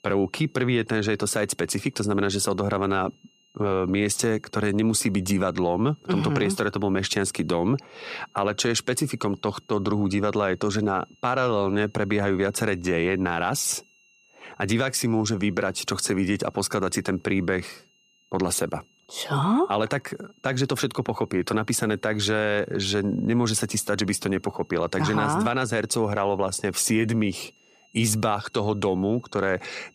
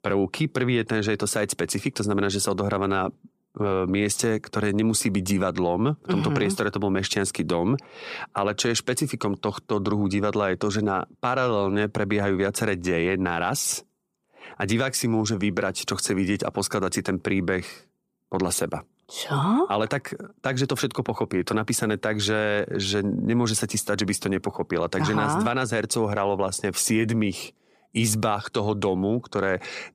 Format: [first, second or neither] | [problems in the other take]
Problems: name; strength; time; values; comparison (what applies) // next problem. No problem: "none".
second | high-pitched whine; faint; throughout; 3 kHz, 35 dB below the speech